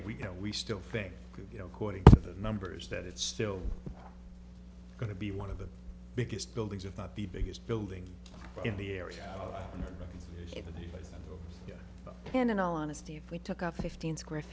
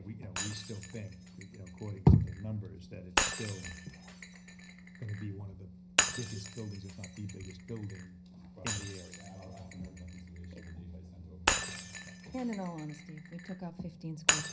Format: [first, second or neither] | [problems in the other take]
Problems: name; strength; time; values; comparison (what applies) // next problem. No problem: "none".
first | background sound (Shatter); 2 dB below the speech // room echo; dies away in 0.4 s